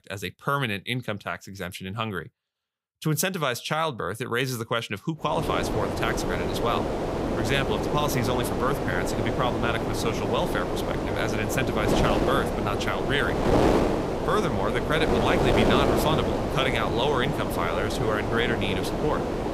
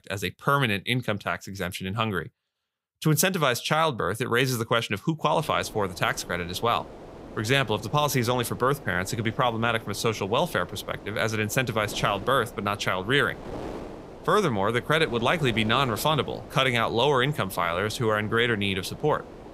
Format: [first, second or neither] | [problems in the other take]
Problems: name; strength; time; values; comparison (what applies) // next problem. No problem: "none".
second | wind noise on the microphone; heavy; from 5.5 s on; as loud as the speech; occasional gusts in the second